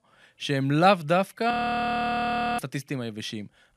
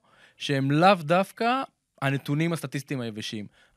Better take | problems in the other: second | audio freezing; at 1.5 s for 1 s

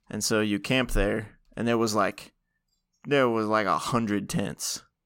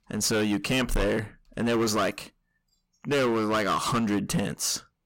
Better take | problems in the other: first | distortion; heavy; 14% of the sound clipped

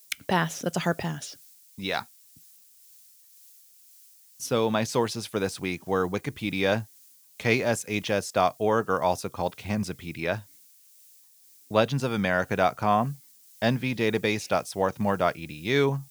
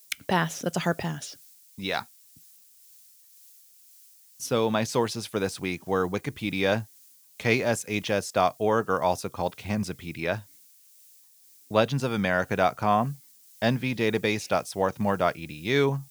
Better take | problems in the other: neither | hiss; faint; throughout; 25 dB below the speech; the same in both

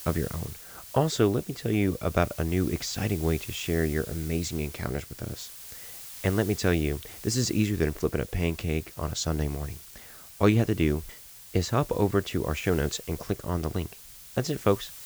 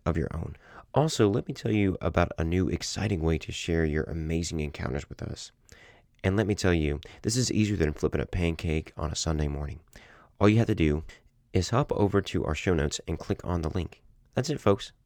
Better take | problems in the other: second | hiss; noticeable; throughout; 15 dB below the speech

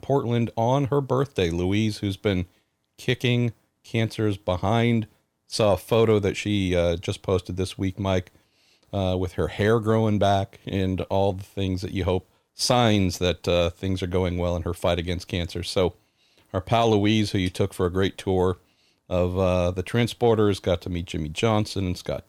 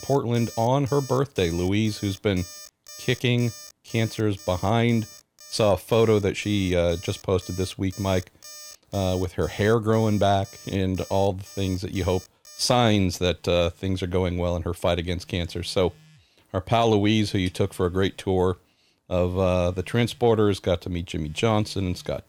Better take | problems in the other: first | alarms or sirens; noticeable; throughout; 20 dB below the speech

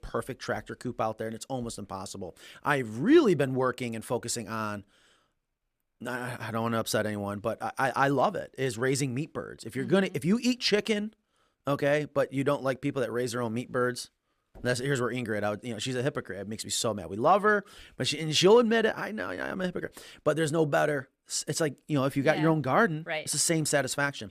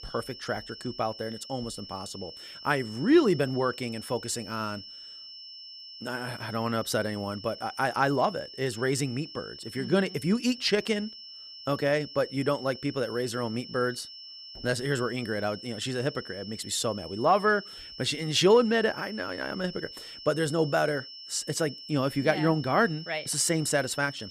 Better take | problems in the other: first | high-pitched whine; noticeable; throughout; 5.5 kHz, 15 dB below the speech

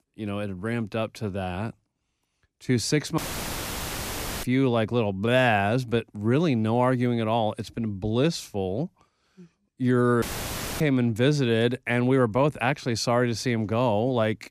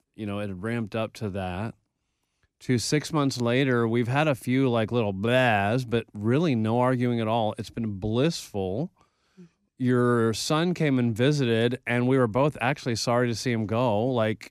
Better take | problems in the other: second | audio cutting out; filled with static; at 3 s for 1.5 s and at 10 s for 0.5 s

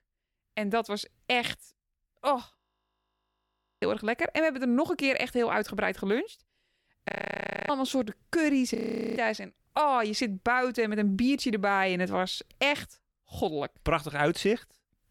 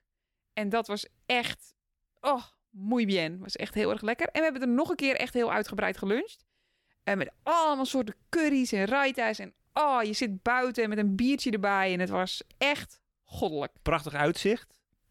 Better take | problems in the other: second | audio freezing; at 2.5 s for 1.5 s, at 7 s for 0.5 s and at 9 s

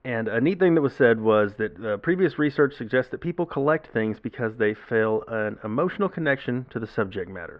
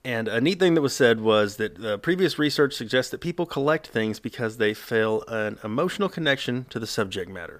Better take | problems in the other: second | muffled; very; fading above 2 kHz

